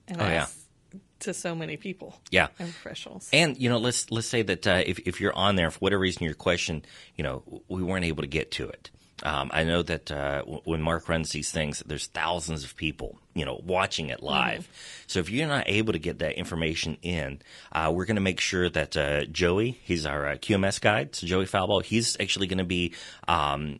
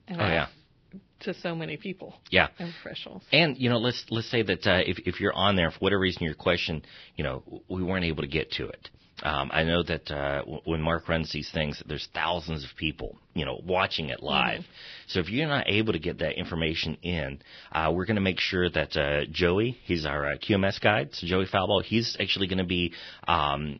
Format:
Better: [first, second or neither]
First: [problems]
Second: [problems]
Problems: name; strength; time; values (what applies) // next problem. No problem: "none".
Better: first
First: garbled, watery; slightly; nothing above 10.5 kHz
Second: garbled, watery; badly; nothing above 5.5 kHz